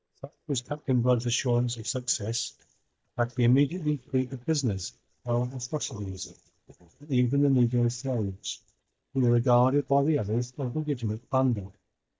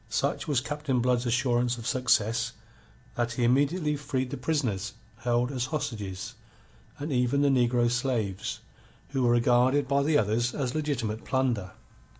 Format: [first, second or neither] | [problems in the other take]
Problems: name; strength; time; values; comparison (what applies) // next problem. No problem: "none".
second | noise reduction (neural mask model DeepFilterNet 3)